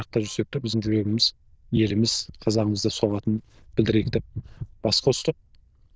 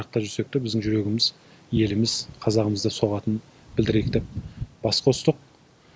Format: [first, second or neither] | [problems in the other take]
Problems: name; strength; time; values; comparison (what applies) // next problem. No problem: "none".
second | noise reduction (neural diffusion model UNIVERSE++)